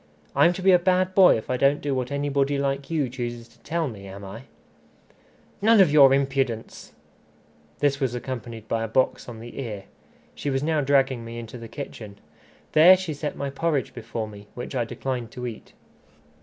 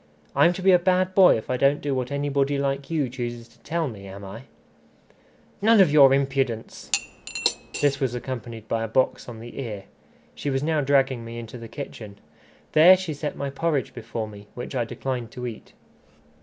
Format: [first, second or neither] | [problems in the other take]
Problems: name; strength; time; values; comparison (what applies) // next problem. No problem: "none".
first | background sound (Cutlery, silverware / Dishes, pots, and pans); 7 dB below the speech